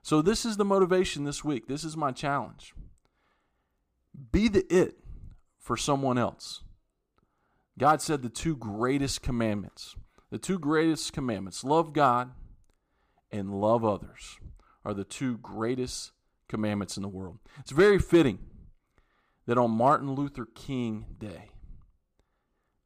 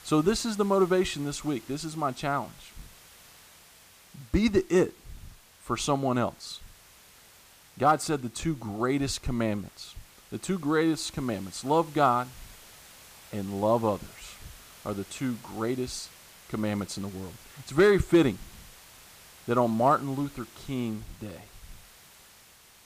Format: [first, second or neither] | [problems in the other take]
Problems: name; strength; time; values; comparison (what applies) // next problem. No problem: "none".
first | hiss; faint; throughout; 20 dB below the speech